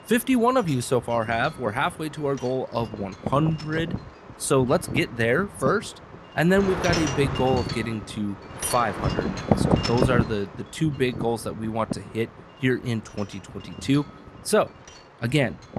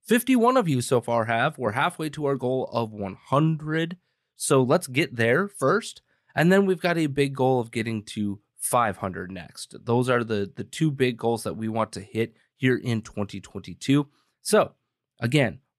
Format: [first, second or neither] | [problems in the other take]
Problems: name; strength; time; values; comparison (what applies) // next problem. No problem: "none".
second | wind noise on the microphone; heavy; 7 dB below the speech